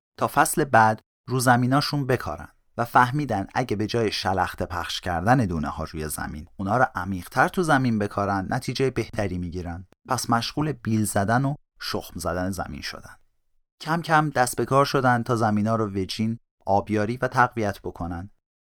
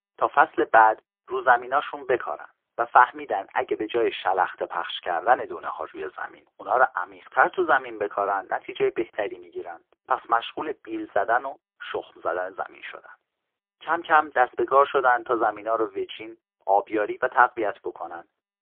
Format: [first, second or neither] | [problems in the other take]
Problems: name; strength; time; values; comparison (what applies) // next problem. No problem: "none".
first | phone-call audio; poor line; nothing above 3.5 kHz